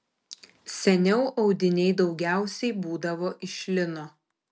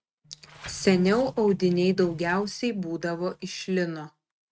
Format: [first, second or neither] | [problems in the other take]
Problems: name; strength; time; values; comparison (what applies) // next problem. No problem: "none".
first | noise reduction (neural mask model RNNoise)